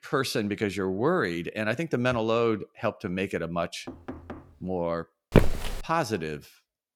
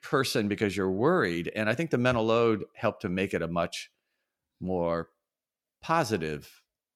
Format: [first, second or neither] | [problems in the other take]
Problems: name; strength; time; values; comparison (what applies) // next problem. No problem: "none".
second | door banging; faint; at 4 s; peak 15 dB below the speech // footsteps; loud; at 5.5 s; peak 5 dB above the speech